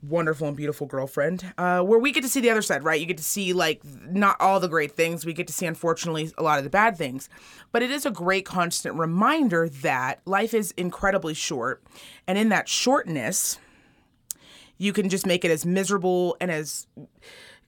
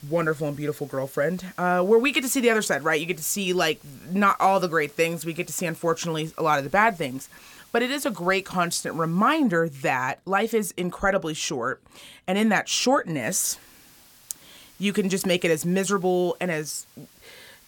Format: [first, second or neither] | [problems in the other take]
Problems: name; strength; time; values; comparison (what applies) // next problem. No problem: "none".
first | hiss; faint; until 9.5 s and from 13 s on; 25 dB below the speech